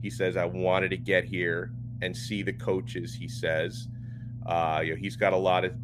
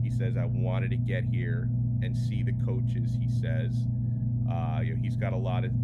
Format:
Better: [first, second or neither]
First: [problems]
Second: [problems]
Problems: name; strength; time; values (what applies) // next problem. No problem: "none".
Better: first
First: low rumble; faint; throughout; 25 dB below the speech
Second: low rumble; loud; throughout; as loud as the speech